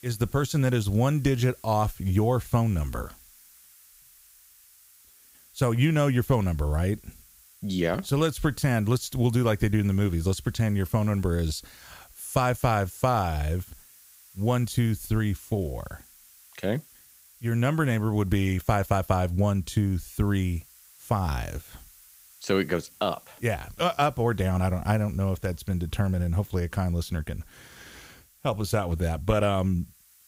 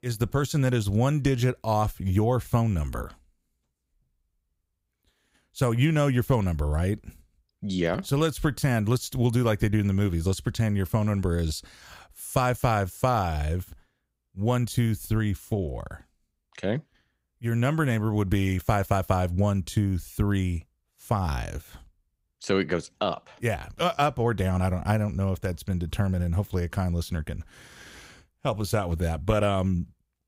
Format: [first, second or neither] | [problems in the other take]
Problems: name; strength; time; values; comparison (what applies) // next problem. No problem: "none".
second | hiss; faint; throughout; 25 dB below the speech